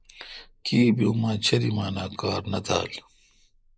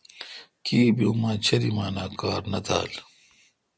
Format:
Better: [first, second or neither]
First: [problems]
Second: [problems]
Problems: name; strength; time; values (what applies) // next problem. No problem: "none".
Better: second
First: noise reduction (neural mask model Resemble Enhance denoiser)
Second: none